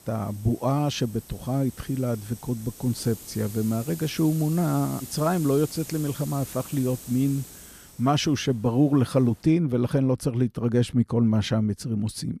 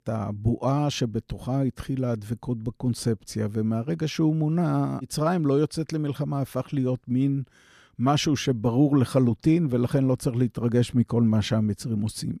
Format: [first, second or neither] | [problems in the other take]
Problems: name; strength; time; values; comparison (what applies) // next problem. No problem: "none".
second | hiss; noticeable; until 9.5 s; 15 dB below the speech